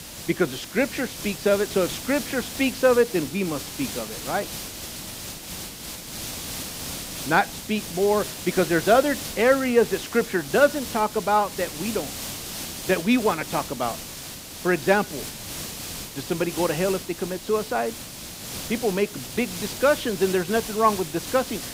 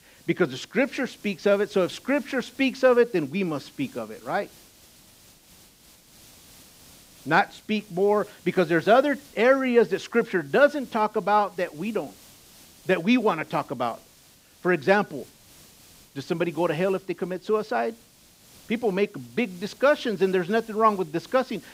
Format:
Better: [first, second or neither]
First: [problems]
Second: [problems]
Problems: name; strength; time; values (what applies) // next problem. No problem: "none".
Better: second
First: hiss; loud; throughout; 9 dB below the speech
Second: hiss; faint; throughout; 25 dB below the speech